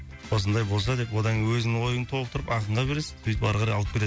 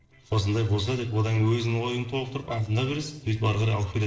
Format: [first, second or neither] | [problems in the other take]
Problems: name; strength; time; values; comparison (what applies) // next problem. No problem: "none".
first | noise reduction (neural separator model SepFormer DNS4)